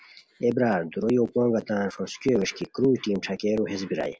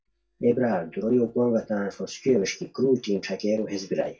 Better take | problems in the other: first | noise reduction (neural mask model DeepFilterNet 3)

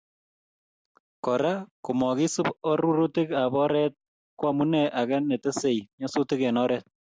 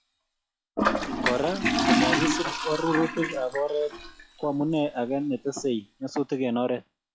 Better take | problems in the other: first | noise reduction (classical method log-MMSE)

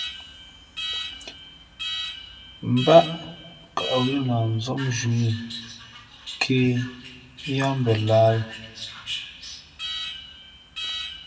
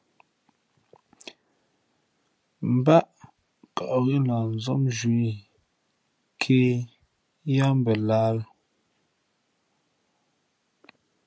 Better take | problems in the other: second | background sound (Alarm); 10 dB below the speech // room echo; dies away in 1 s

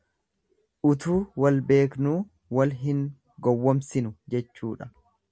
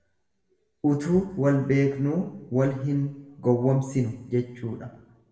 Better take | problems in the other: first | room echo; dies away in 0.9 s

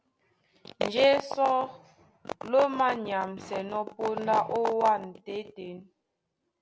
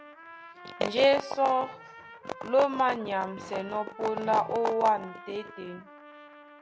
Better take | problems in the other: first | background sound (Trumpet); 19 dB below the speech

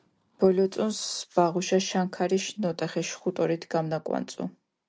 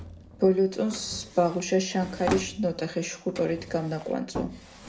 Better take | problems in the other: first | background sound (Drawer open or close); 11 dB below the speech // room echo; dies away in 0.5 s

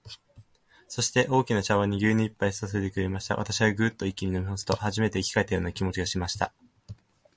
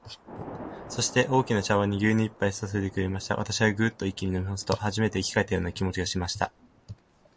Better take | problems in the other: first | background sound (Thunder / Rain); 19 dB below the speech

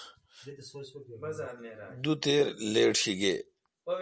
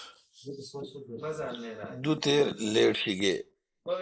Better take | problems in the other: first | noise reduction (neural mask model Resemble Enhance denoiser)

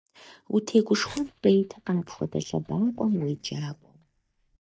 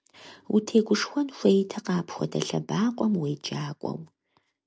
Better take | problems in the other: second | noise reduction (neural mask model DeepFilterNet 3)

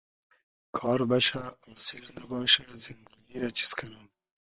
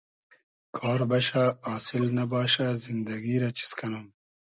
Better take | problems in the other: second | noise reduction (neural separator model SepFormer WHAM!)

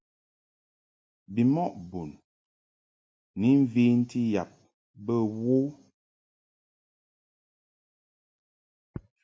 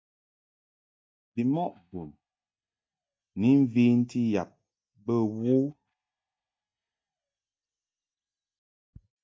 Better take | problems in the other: first | noise reduction (neural mask model DeepFilterNet 3)

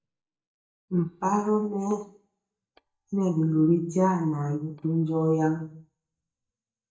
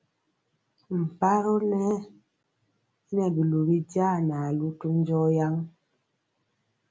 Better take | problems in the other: second | noise reduction (neural mask model DeepFilterNet 3)

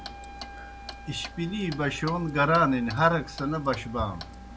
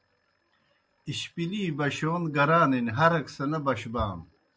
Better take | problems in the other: second | background sound (Wind instrument, woodwind instrument + Clock); 14 dB below the speech

